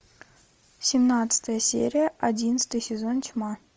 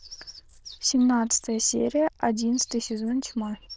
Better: first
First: none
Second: noise reduction (neural diffusion model UNIVERSE++)

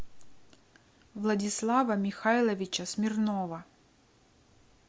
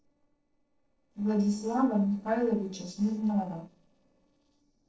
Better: first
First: none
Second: noise reduction (neural separator model SepFormer DNS4)

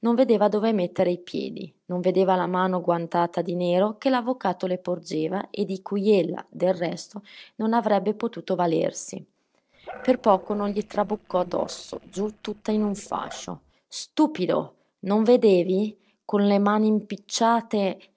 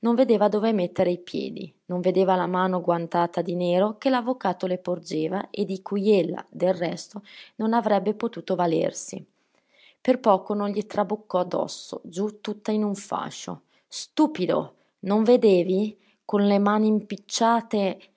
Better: second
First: noise reduction (neural separator model SepFormer DNS4)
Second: none

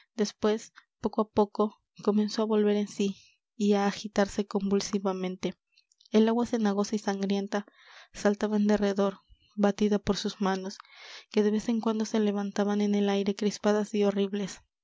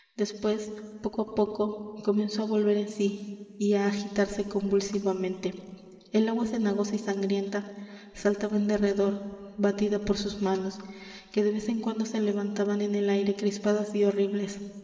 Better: first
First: none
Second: room echo; dies away in 2.4 s

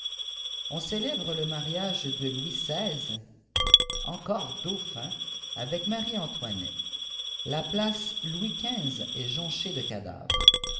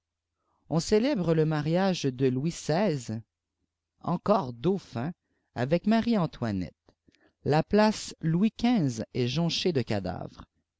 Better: second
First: background sound (Coin (dropping) / Glass); 5 dB above the speech // room echo; dies away in 0.9 s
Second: none

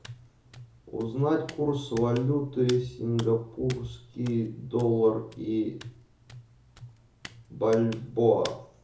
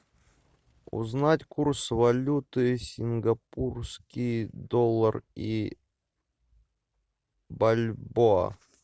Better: second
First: background sound (Hands); 19 dB below the speech // room echo; dies away in 0.6 s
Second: none

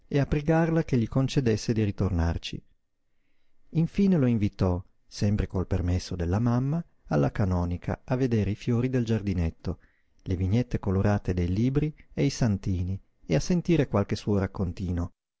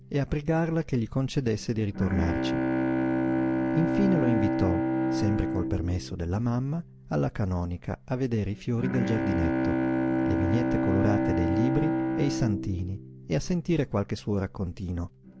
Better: first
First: none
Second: background sound (Bowed string instrument); 1 dB below the speech

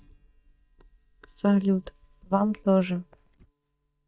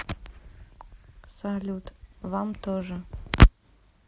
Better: second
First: noise reduction (neural mask model DeepFilterNet 3)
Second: none

